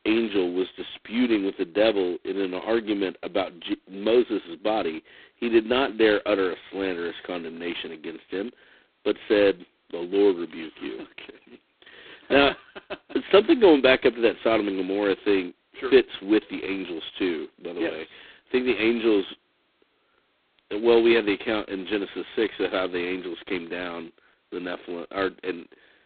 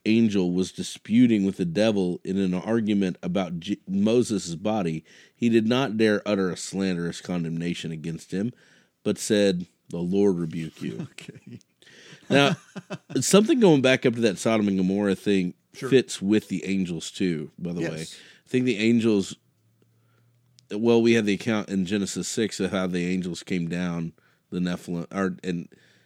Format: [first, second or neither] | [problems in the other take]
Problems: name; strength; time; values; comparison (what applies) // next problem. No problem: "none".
second | phone-call audio; poor line; nothing above 4 kHz